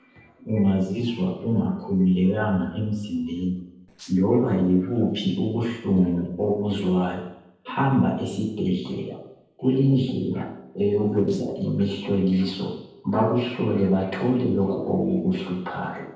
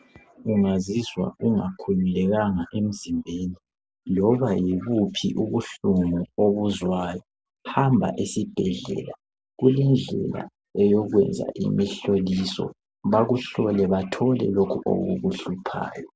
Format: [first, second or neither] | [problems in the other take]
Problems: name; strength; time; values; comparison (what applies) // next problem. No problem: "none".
second | noise reduction (neural separator model SepFormer DNS4)